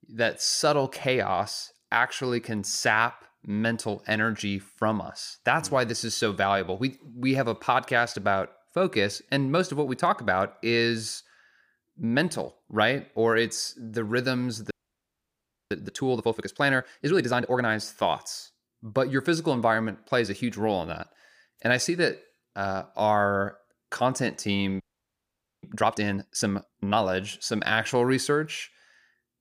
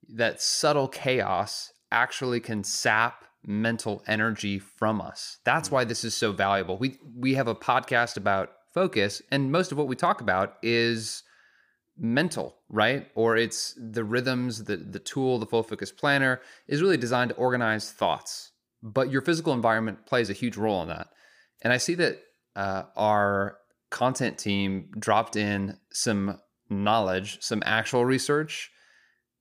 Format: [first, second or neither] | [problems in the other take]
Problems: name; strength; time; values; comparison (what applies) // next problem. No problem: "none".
second | audio freezing; at 15 s for 1 s and at 25 s for 1 s